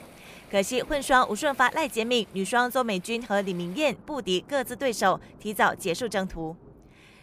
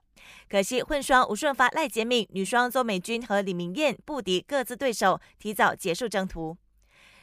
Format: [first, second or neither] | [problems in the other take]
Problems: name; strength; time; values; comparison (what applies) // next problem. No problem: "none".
second | rain or running water; faint; throughout; 25 dB below the speech